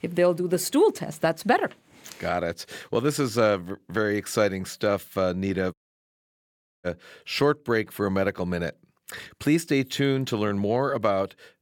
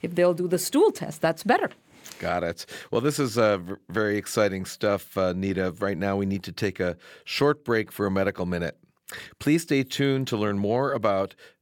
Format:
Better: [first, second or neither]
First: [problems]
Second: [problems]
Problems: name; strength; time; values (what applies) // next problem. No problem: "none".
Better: second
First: audio cutting out; at 5.5 s for 1 s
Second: none